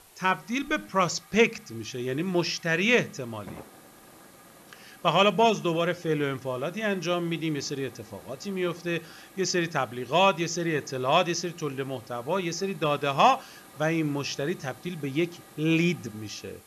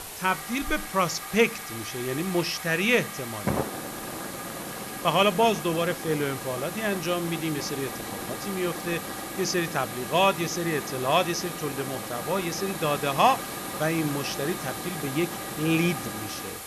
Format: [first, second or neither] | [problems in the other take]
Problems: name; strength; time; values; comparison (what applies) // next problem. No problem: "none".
first | hiss; loud; throughout; 7 dB below the speech; faint in the first